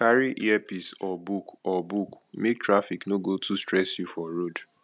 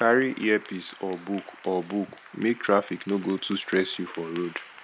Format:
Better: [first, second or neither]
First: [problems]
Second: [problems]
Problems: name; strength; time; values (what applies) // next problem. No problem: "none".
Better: first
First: none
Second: background sound (Applause / Clapping); 20 dB below the speech